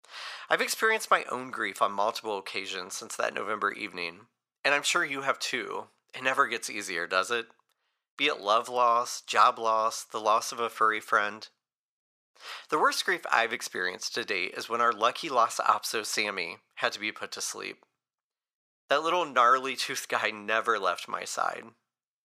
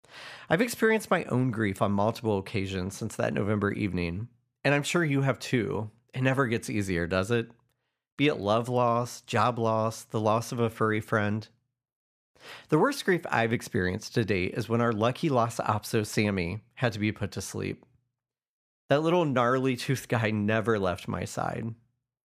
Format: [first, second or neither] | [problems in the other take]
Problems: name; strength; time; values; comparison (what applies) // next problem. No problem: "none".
second | thin; very; fading below 600 Hz